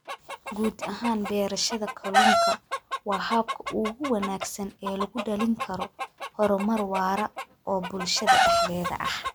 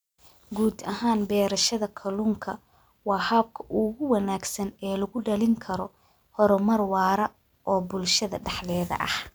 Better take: second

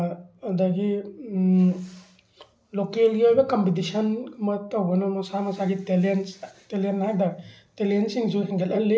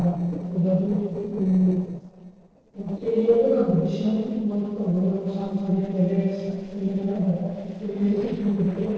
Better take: first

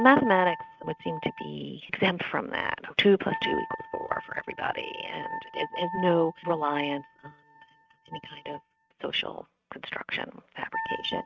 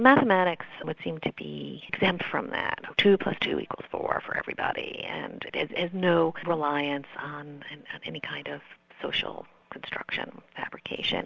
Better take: second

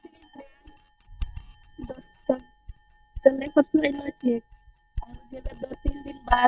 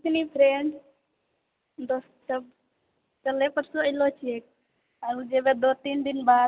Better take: second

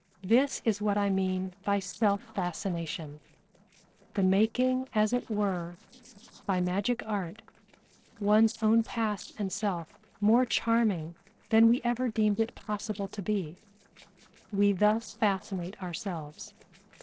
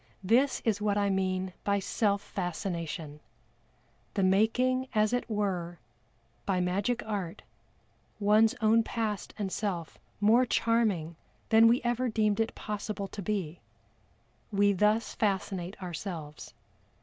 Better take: second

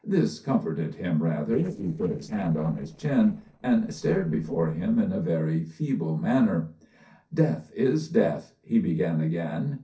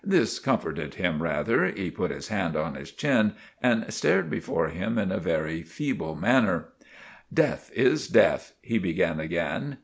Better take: second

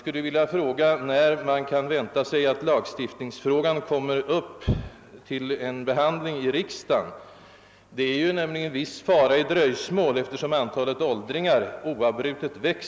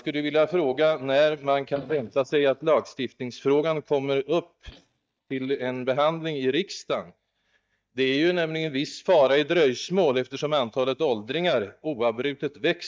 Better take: first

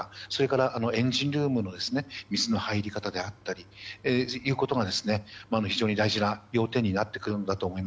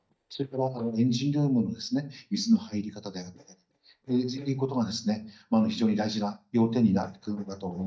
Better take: first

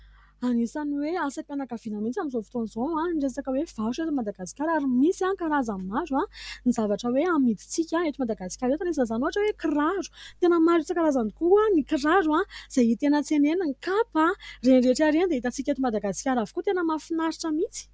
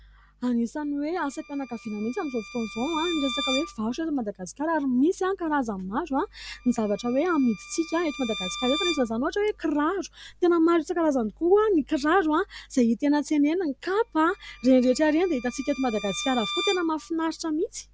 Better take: first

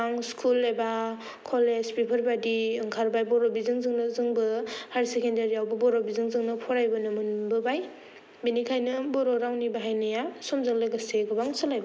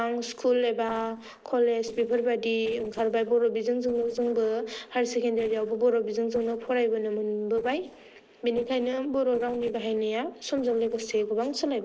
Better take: first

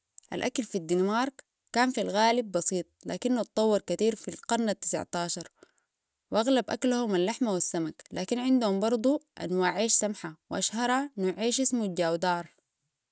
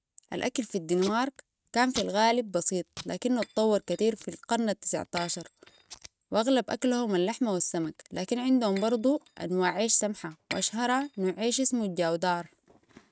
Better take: first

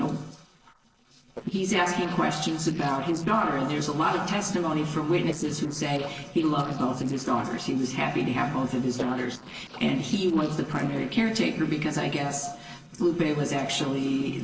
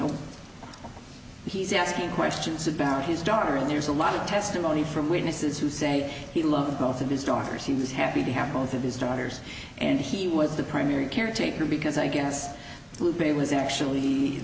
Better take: second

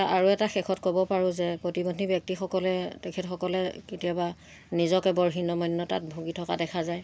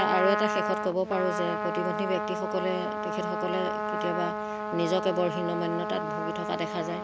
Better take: first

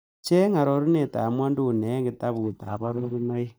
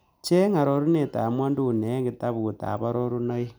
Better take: second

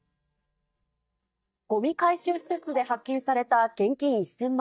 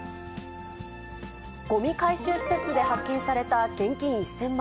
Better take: second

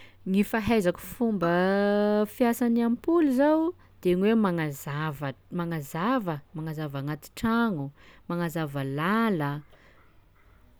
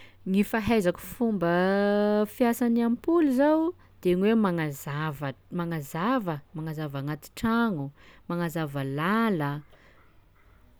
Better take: second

